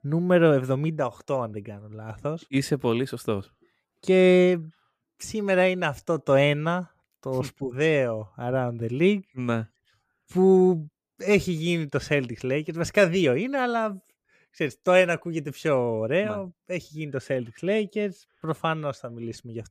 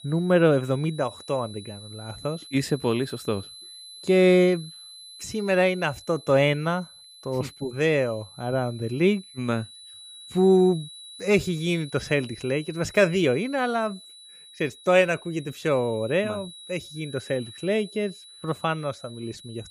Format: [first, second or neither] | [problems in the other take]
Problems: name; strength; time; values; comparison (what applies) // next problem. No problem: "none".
first | high-pitched whine; noticeable; throughout; 4 kHz, 20 dB below the speech